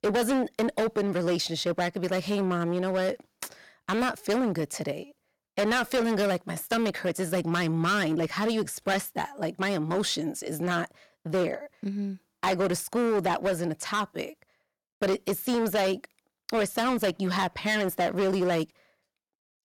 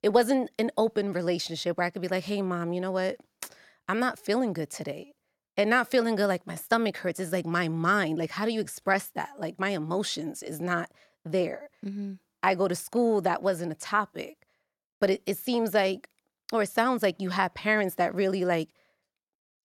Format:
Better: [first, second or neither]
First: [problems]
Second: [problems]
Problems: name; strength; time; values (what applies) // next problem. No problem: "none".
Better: second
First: distortion; heavy; 12% of the sound clipped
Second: none